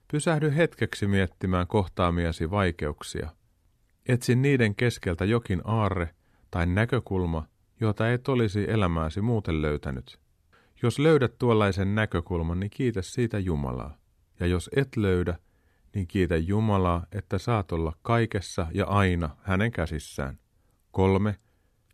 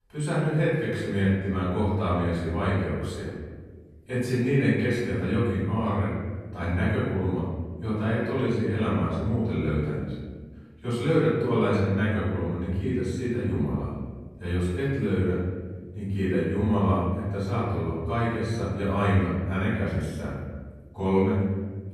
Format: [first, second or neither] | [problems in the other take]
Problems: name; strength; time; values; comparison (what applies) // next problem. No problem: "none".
first | room echo; strong; dies away in 1.5 s // off-mic speech; far